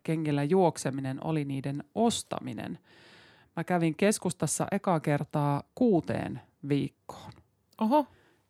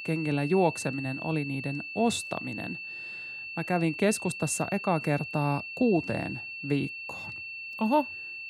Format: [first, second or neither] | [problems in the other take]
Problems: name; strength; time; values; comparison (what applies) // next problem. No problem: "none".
first | high-pitched whine; loud; throughout; 2.5 kHz, 8 dB below the speech